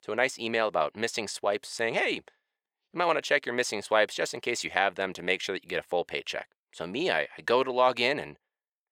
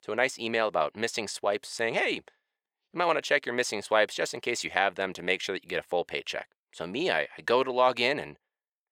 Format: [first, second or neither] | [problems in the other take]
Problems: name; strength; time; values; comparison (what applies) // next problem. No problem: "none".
neither | thin; somewhat; fading below 400 Hz; the same in both